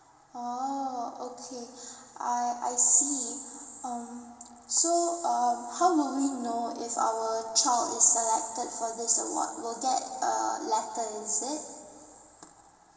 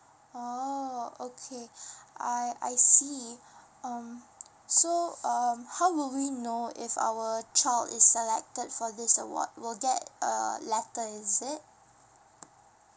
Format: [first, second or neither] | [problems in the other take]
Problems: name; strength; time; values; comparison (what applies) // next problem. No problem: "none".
second | room echo; dies away in 2.6 s